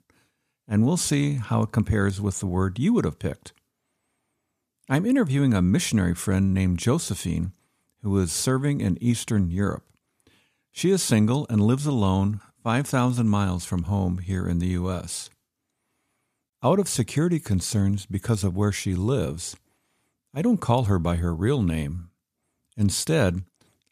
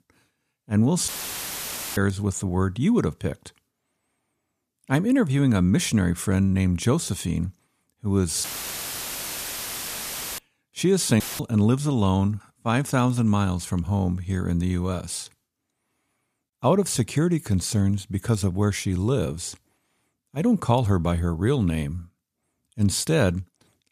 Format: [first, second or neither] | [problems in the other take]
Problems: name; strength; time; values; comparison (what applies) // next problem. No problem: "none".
first | audio cutting out; filled with static; at 1 s for 1 s, at 8.5 s for 2 s and at 11 s